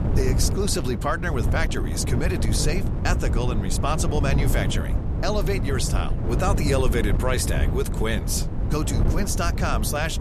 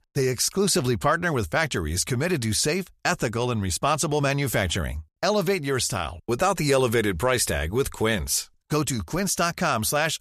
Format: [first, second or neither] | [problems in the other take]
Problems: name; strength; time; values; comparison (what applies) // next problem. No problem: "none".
second | wind noise on the microphone; heavy; 8 dB below the speech